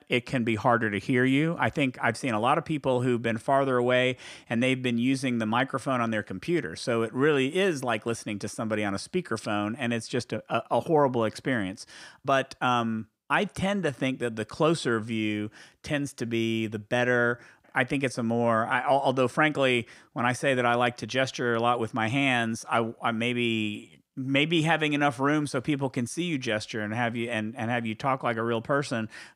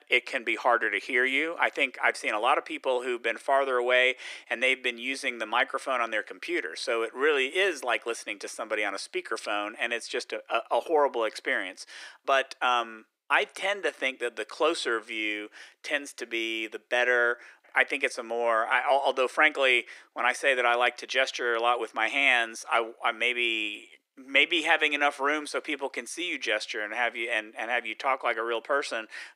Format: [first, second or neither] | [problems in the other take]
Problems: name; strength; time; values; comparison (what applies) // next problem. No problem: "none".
first | thin; very; fading below 350 Hz